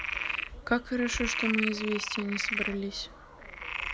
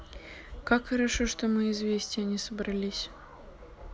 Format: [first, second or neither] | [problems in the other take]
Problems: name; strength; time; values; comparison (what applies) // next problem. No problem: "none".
second | background sound (Frog); 3 dB below the speech